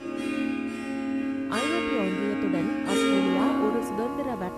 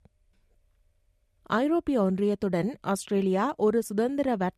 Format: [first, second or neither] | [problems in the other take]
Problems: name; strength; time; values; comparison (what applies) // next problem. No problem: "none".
second | background music; very loud; throughout; 4 dB above the speech